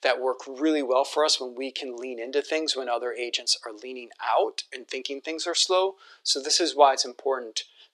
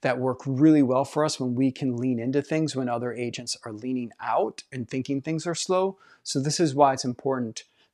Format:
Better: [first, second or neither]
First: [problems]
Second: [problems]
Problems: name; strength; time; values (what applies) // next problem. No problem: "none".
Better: second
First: thin; very; fading below 350 Hz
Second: none